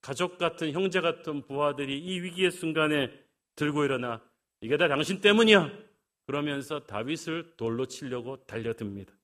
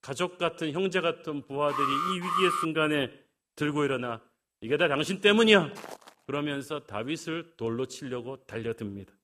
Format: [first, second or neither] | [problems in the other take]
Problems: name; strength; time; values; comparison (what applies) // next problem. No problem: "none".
first | alarm; loud; at 1.5 s; peak 1 dB above the speech // footsteps; faint; at 5.5 s; peak 15 dB below the speech